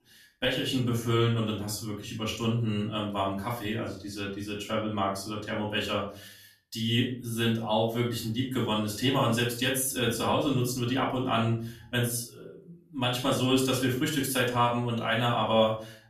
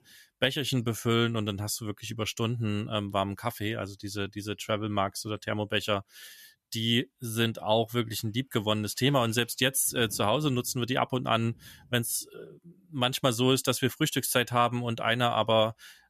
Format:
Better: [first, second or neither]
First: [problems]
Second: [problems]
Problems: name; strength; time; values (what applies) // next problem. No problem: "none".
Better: second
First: off-mic speech; far // room echo; slight; dies away in 0.4 s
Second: none